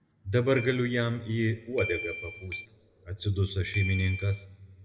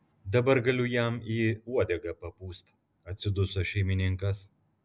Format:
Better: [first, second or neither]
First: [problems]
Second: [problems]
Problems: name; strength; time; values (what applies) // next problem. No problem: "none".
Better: second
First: background sound (Keyboard (musical)); 11 dB below the speech // room echo; dies away in 1.4 s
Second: none